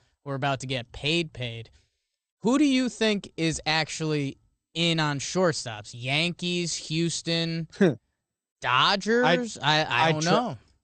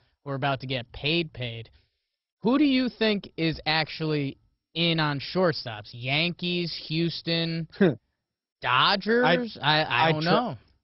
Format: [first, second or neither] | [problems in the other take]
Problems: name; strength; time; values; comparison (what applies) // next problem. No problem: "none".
first | garbled, watery; badly; nothing above 5.5 kHz; slightly in the first